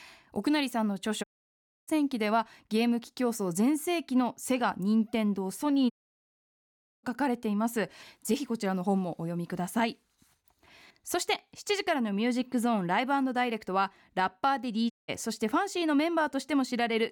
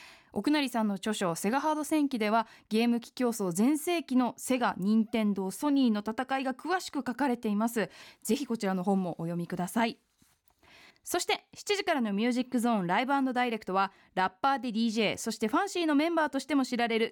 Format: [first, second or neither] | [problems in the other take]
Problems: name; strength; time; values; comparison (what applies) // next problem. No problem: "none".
second | audio cutting out; at 1 s for 0.5 s, at 6 s for 1 s and at 15 s